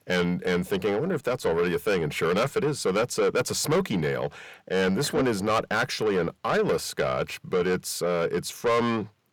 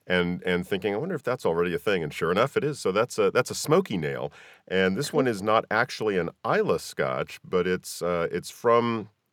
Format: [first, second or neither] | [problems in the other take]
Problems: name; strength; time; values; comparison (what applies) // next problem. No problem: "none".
second | distortion; heavy; 8 dB below the speech